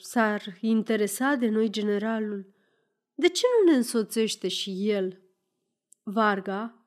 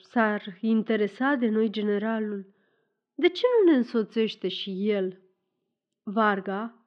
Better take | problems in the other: first | muffled; slightly; fading above 3.5 kHz

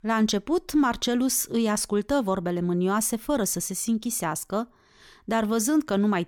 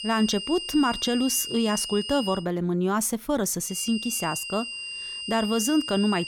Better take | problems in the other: first | high-pitched whine; loud; until 2.5 s and from 3.5 s on; 3 kHz, 7 dB below the speech

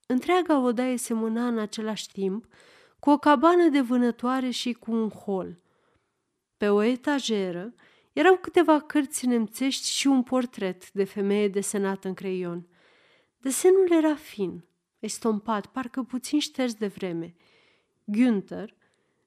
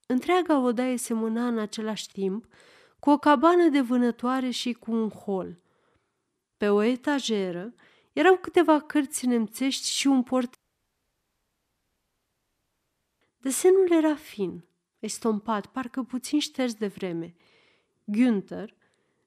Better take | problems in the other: first | audio cutting out; at 11 s for 2.5 s

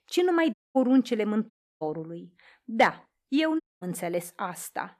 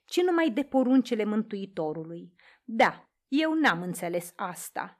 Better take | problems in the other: second | audio cutting out; at 0.5 s, at 1.5 s and at 3.5 s

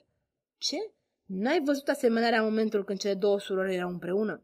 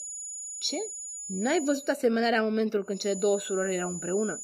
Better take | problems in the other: first | high-pitched whine; loud; until 2 s and from 3 s on; 7 kHz, 8 dB below the speech

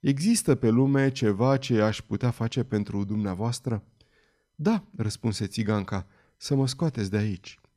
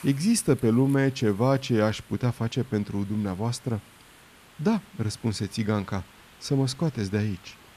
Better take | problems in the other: first | hiss; faint; throughout; 25 dB below the speech

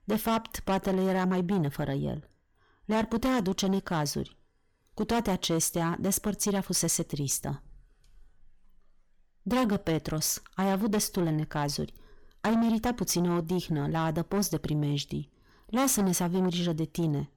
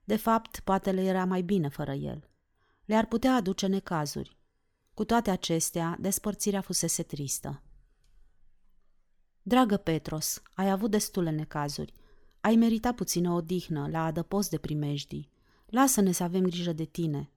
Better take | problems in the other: second | distortion; heavy; 7 dB below the speech

